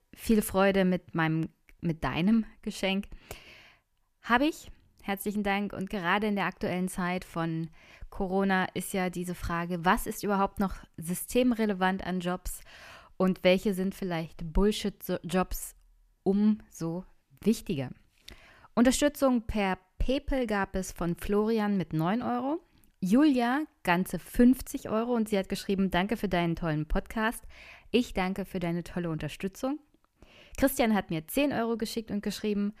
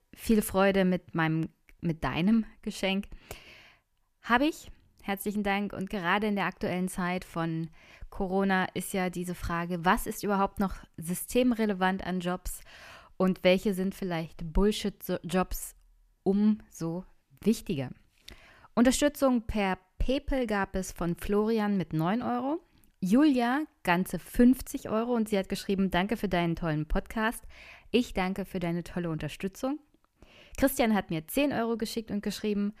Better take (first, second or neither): neither